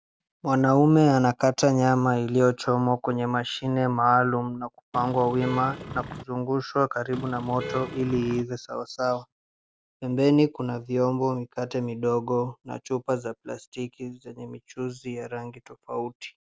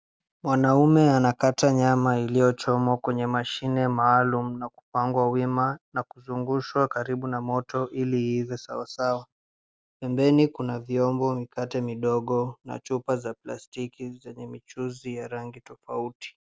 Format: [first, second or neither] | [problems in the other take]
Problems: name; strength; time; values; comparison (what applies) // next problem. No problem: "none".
second | background sound (Vehicle horn, car horn, honking); 11 dB below the speech